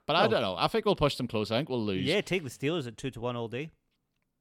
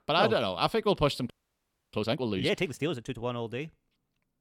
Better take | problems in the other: first | audio freezing; at 1.5 s for 0.5 s

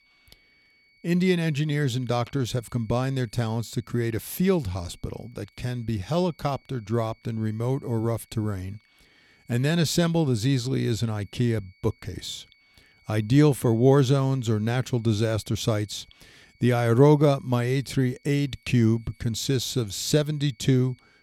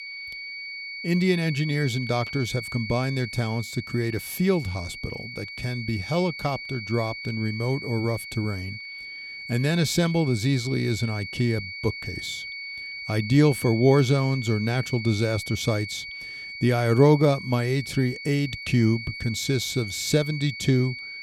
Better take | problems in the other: first | high-pitched whine; loud; throughout; 2 kHz, 9 dB below the speech; faint in the first

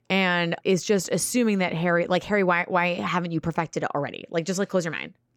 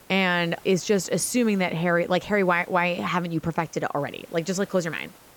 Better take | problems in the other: first | hiss; faint; throughout; 25 dB below the speech

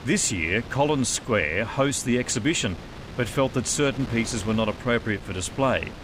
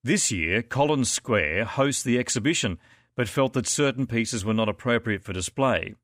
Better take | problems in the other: second | wind noise on the microphone; occasional gusts; 15 dB below the speech

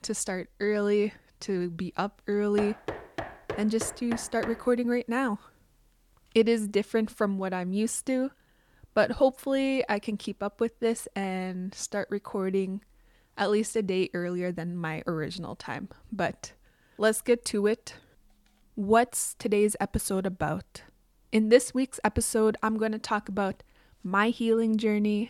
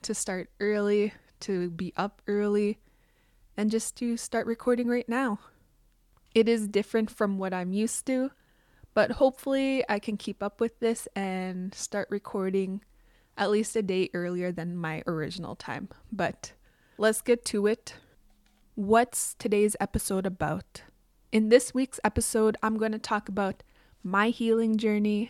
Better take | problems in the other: second | door banging; noticeable; from 2.5 to 4.5 s; peak 9 dB below the speech

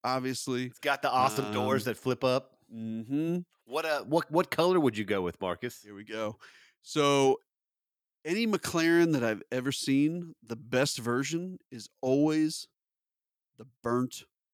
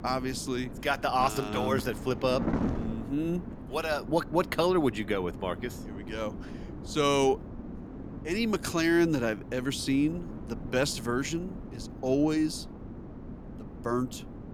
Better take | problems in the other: first | wind noise on the microphone; occasional gusts; 15 dB below the speech

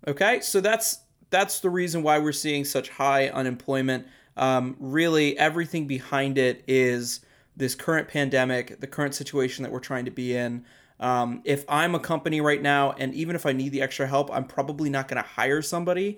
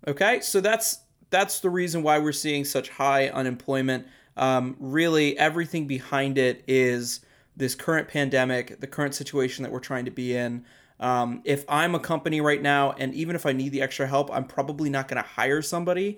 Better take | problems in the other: neither | none

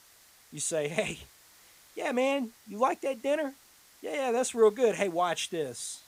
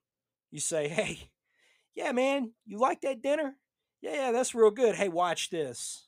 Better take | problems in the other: second | hiss; faint; throughout; 25 dB below the speech

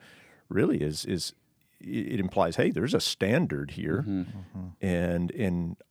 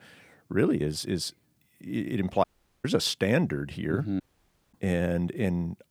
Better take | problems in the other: first | audio cutting out; at 2.5 s and at 4 s for 0.5 s

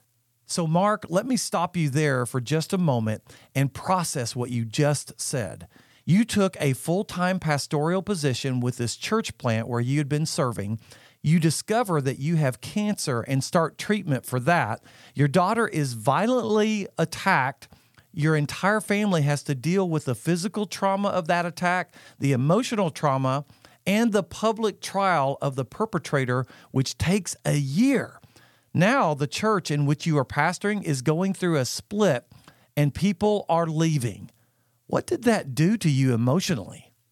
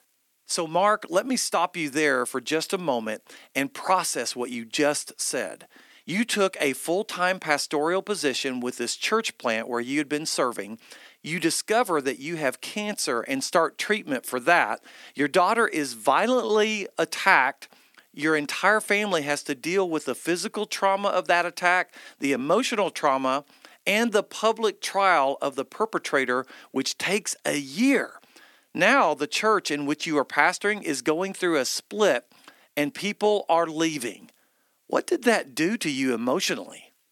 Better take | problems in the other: first | thin; somewhat; fading below 300 Hz

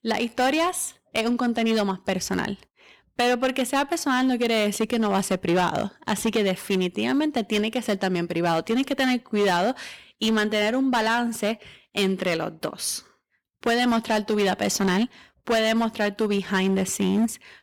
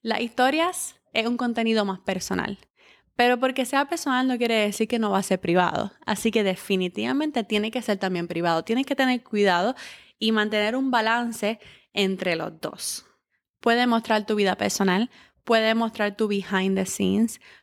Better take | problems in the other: second | distortion; slight; 10% of the sound clipped

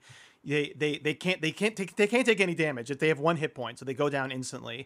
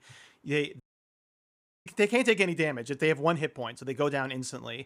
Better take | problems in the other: first | audio cutting out; at 1 s for 1 s

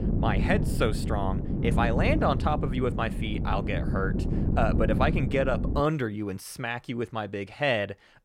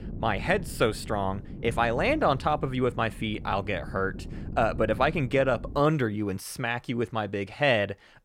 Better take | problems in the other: second | wind noise on the microphone; heavy; until 6 s; 8 dB below the speech; occasional gusts in the second

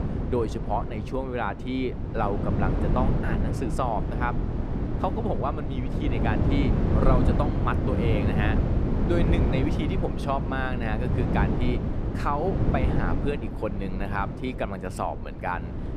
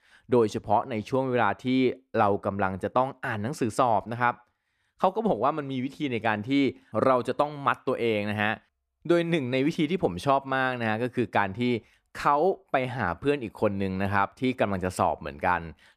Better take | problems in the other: second | wind noise on the microphone; heavy; 4 dB below the speech

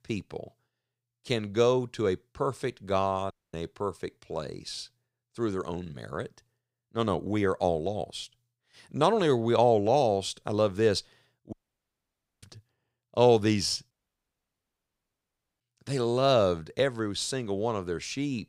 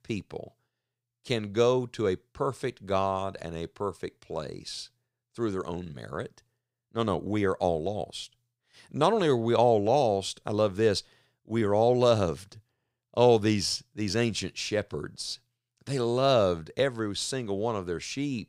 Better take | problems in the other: second | audio cutting out; at 3.5 s, at 12 s for 1 s and at 14 s for 1.5 s

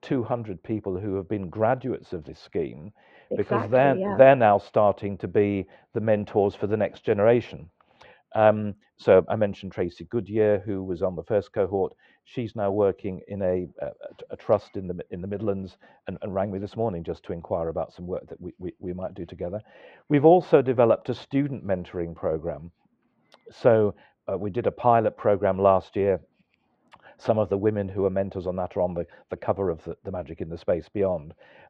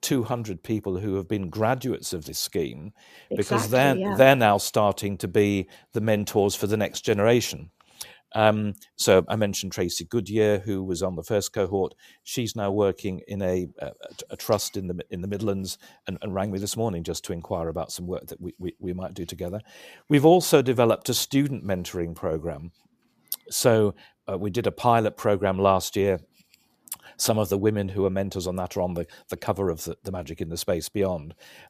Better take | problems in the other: second | muffled; very; fading above 2.5 kHz

